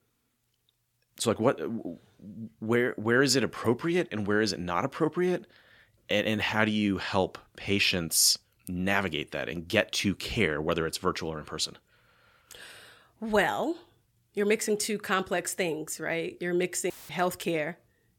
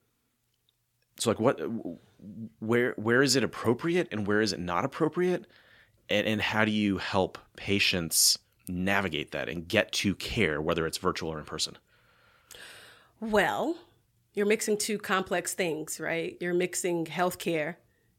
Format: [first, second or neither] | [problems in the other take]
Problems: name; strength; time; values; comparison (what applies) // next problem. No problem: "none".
second | audio cutting out; filled with static; at 17 s